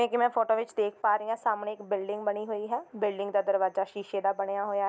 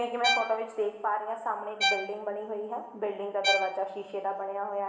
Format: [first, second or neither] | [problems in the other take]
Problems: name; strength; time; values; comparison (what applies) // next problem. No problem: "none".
first | background sound (Bowed string instrument); 1 dB below the speech // room echo; dies away in 1.4 s